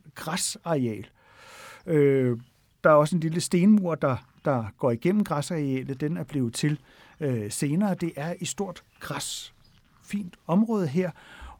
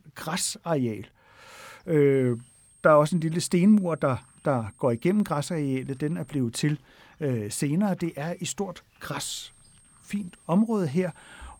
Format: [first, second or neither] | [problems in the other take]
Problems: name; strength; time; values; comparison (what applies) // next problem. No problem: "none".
first | high-pitched whine; faint; from 2 to 6.5 s and from 9 s on; 8.5 kHz, 30 dB below the speech